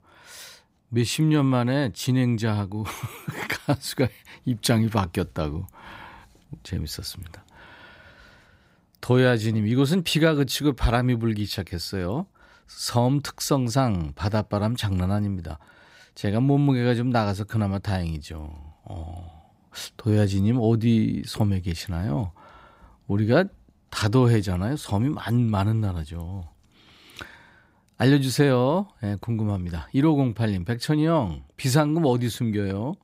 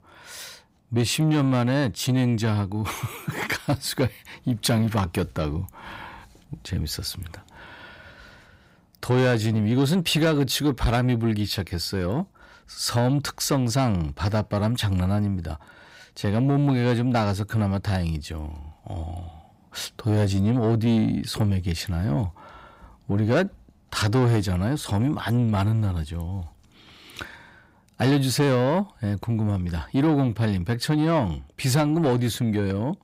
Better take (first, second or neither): first